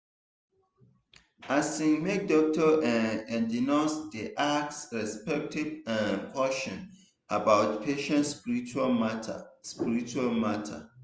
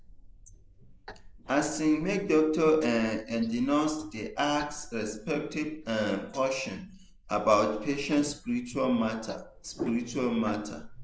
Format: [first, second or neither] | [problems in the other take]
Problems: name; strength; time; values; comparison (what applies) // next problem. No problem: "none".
first | noise reduction (neural mask model Resemble Enhance denoiser)